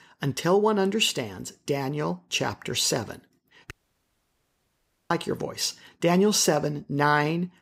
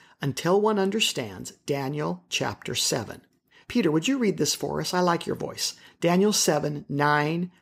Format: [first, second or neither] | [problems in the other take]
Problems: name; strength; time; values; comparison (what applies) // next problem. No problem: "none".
second | audio cutting out; at 3.5 s for 1.5 s